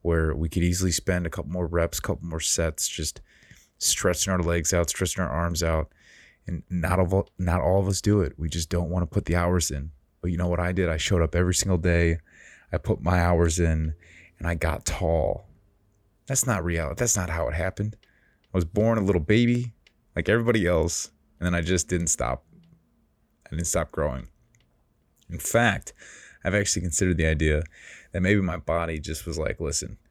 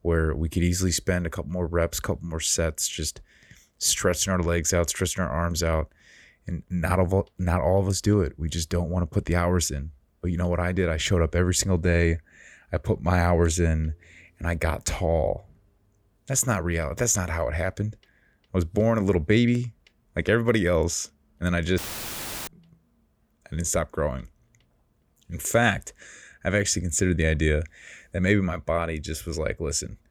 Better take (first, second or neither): first